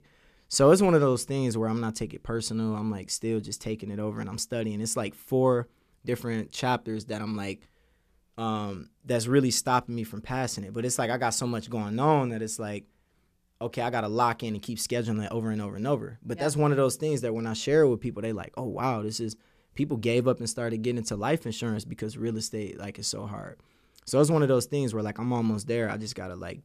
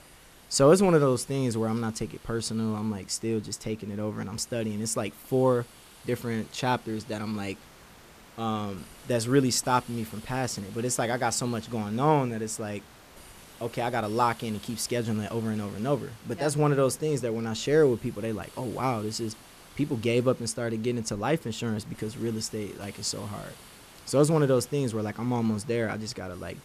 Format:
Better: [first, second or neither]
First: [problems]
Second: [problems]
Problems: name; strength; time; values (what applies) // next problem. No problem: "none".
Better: first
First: none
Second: hiss; faint; throughout; 20 dB below the speech